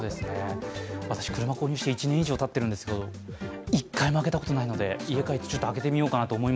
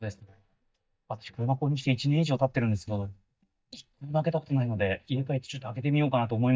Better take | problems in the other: first | noise reduction (neural mask model DeepFilterNet 3)

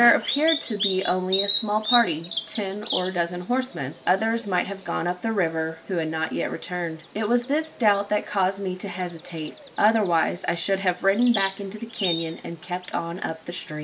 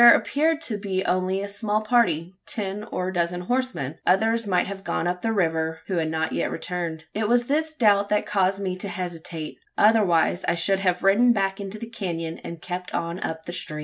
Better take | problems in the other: second | background sound (Bird vocalization, bird call, bird song); 10 dB below the speech

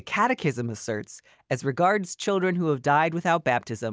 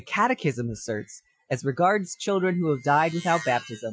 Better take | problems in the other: first | noise reduction (classical method Wiener filter)

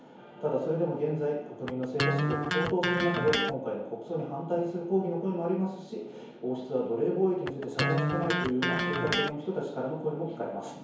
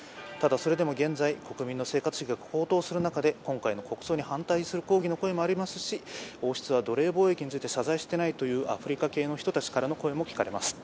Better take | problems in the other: second | background sound (Electric guitar); 1 dB below the speech // room echo; dies away in 1 s

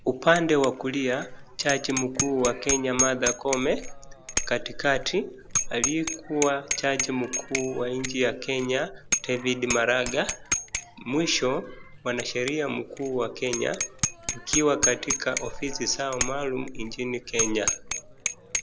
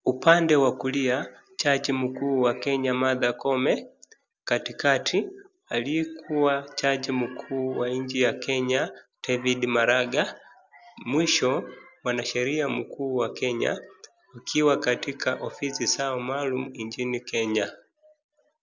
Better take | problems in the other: second | background sound (Bicycle bell); 5 dB below the speech

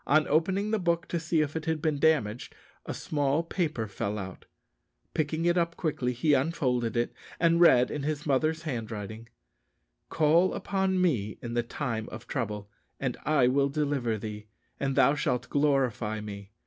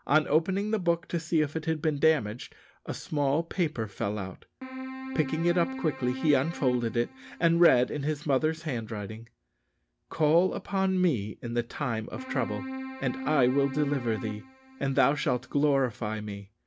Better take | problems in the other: first | background sound (Keyboard (musical)); 11 dB below the speech

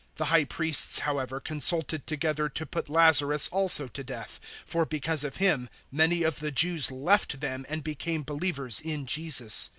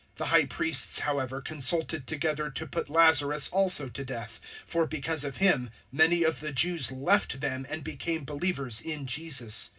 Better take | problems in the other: first | room echo; dies away in 0.4 s

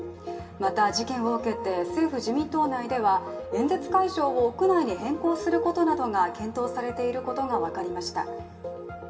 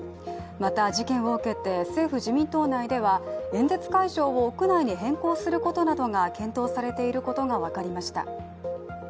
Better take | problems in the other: second | room echo; dies away in 0.9 s

